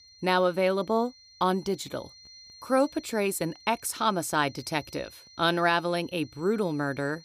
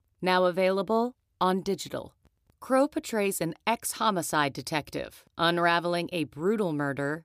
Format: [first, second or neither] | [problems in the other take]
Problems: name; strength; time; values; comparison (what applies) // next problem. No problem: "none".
second | high-pitched whine; faint; throughout; 4 kHz, 20 dB below the speech